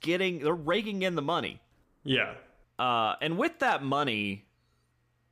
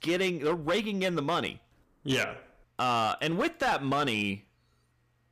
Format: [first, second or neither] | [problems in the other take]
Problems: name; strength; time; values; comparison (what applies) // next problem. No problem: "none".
first | distortion; slight; 7% of the sound clipped